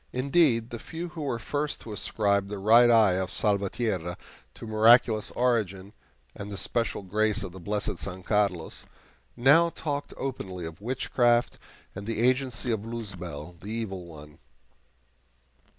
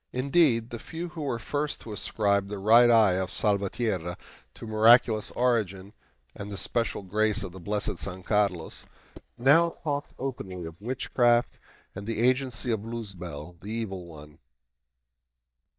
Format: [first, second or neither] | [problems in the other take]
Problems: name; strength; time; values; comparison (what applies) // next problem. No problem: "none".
first | noise reduction (neural mask model DeepFilterNet 3)